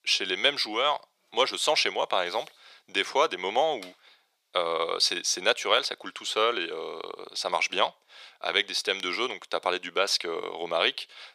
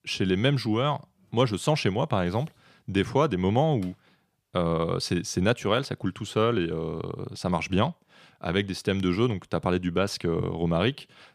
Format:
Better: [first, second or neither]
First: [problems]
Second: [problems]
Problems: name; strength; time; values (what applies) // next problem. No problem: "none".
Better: second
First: thin; very; fading below 500 Hz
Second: none